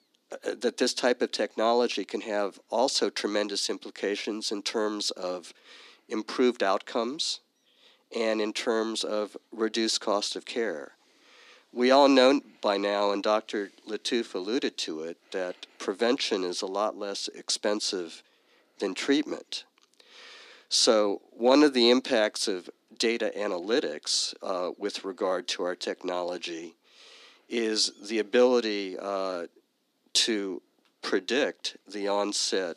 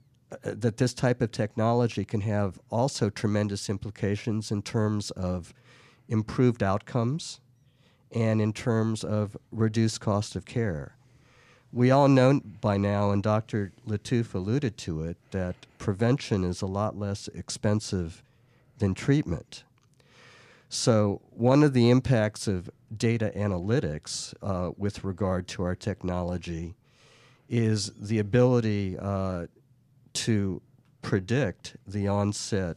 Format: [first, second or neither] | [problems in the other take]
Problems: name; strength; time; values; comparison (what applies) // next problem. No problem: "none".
second | thin; somewhat; fading below 250 Hz